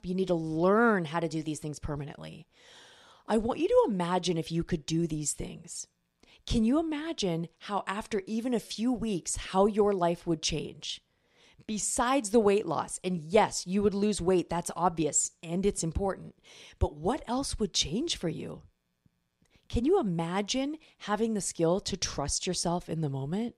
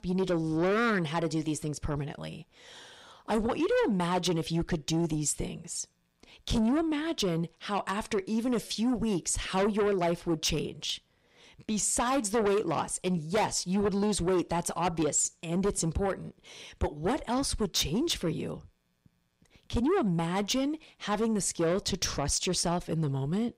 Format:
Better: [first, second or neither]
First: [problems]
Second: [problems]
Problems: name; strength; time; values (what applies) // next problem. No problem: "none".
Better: first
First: none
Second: distortion; heavy; 8 dB below the speech